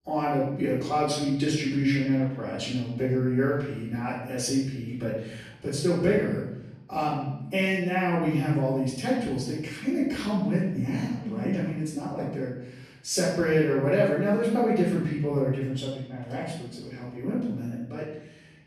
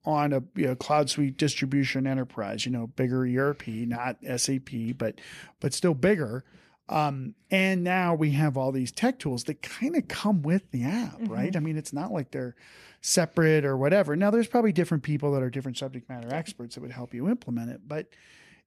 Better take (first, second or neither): second